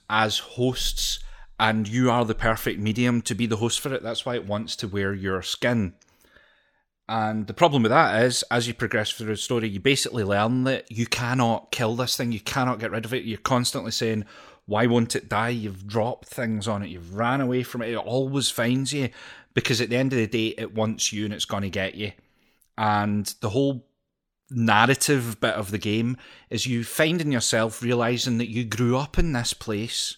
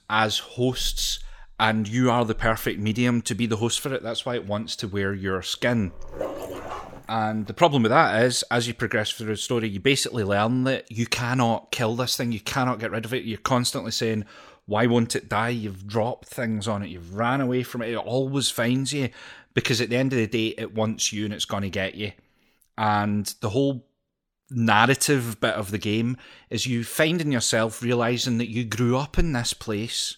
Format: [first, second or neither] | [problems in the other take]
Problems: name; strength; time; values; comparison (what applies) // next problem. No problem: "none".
first | dog barking; noticeable; from 6 to 7 s; peak 8 dB below the speech